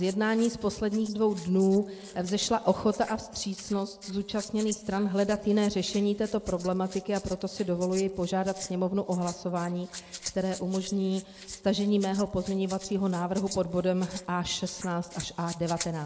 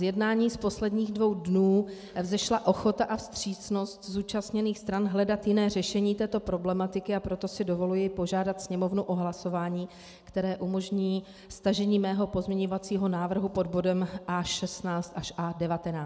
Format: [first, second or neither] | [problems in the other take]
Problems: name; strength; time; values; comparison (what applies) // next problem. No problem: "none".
second | noise reduction (neural mask model Resemble Enhance denoiser)